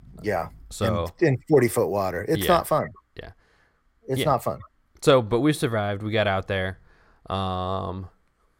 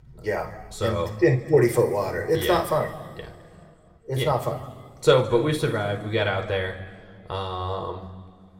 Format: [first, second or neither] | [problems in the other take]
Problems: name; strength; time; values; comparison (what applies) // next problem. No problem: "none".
first | room echo; slight; dies away in 2.2 s